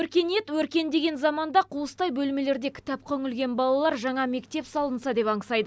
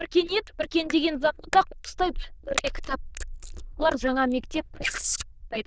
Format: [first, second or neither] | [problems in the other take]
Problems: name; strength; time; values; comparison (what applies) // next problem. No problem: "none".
first | noise reduction (neural diffusion model UNIVERSE++)